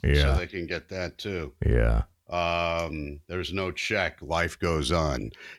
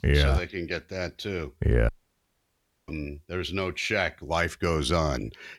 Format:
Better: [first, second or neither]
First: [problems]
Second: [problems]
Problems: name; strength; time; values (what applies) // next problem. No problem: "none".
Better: first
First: none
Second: audio cutting out; at 2 s for 1 s